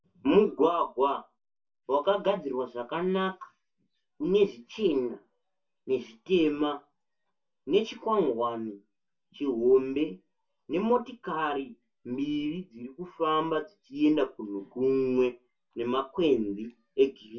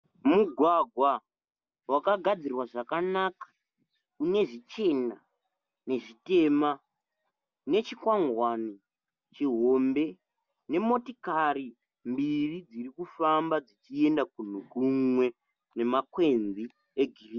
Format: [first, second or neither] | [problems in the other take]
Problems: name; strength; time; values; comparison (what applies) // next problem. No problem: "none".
second | room echo; dies away in 0.2 s